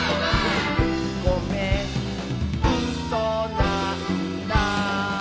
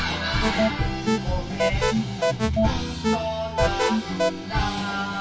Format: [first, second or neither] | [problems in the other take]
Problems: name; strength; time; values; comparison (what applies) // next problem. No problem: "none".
first | background sound (Alarm); 1 dB above the speech // room echo; dies away in 0.2 s